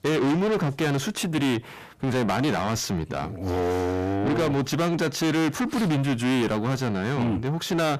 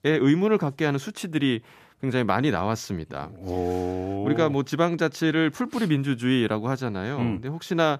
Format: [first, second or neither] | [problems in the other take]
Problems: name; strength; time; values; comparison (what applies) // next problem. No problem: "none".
second | distortion; heavy; 6 dB below the speech